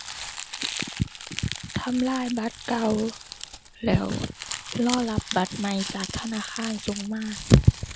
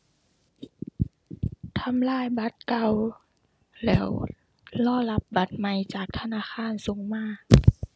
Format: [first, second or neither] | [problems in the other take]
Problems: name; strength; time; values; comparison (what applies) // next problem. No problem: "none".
second | background sound (Crumpling, crinkling); 10 dB below the speech